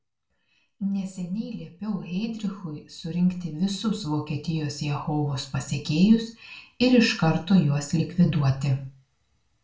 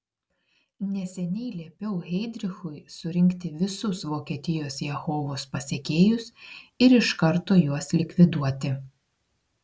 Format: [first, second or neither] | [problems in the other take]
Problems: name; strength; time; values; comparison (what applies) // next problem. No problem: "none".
second | room echo; dies away in 0.3 s